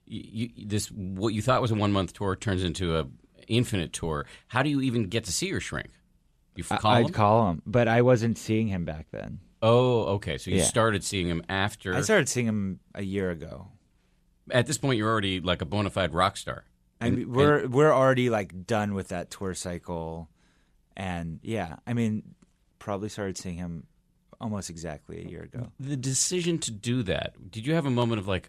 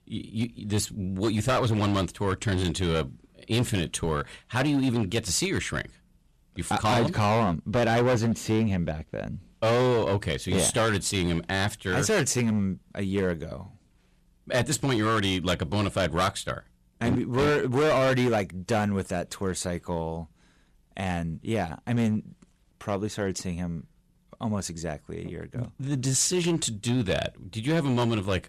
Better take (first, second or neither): first